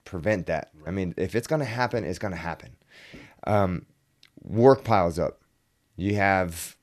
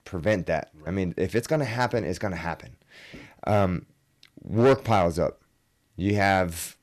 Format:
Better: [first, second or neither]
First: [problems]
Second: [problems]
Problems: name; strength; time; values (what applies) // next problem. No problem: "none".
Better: first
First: none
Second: distortion; slight; 1.7% of the sound clipped